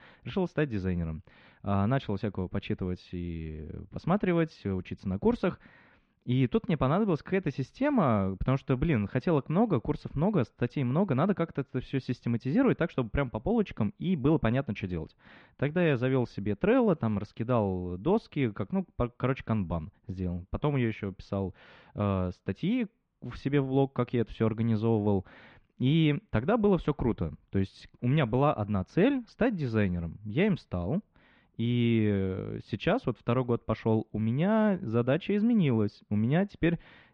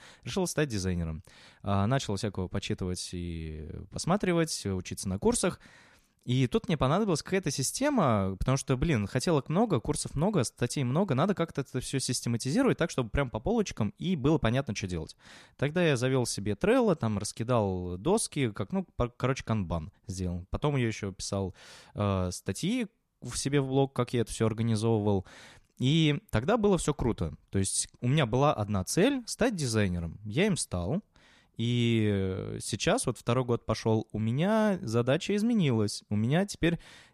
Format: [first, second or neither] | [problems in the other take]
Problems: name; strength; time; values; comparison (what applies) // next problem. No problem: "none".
second | muffled; very; fading above 3 kHz